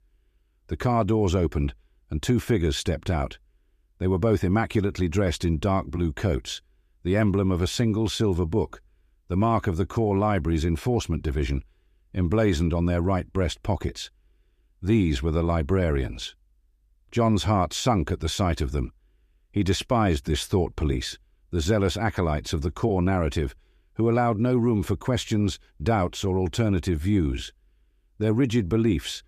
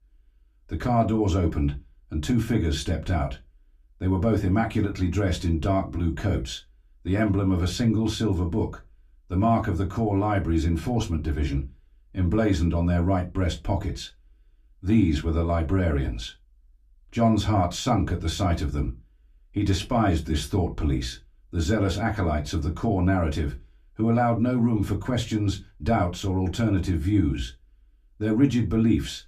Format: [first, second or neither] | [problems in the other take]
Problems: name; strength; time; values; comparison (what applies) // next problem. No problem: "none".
first | off-mic speech; far // room echo; very slight; dies away in 0.2 s